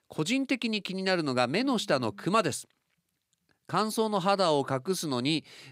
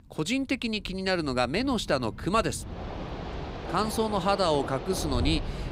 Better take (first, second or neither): first